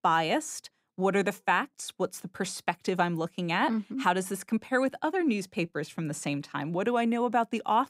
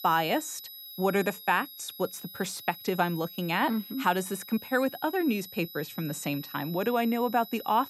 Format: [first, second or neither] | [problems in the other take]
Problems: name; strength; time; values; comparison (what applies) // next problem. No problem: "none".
first | high-pitched whine; noticeable; throughout; 12 kHz, 15 dB below the speech